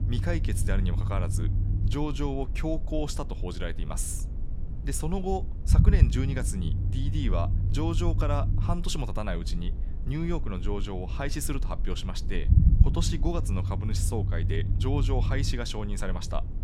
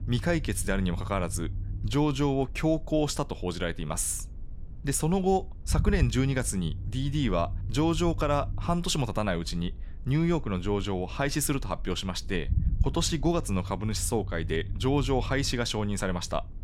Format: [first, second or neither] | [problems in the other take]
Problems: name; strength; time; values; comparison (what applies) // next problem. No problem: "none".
second | low rumble; loud; throughout; 9 dB below the speech; faint in the second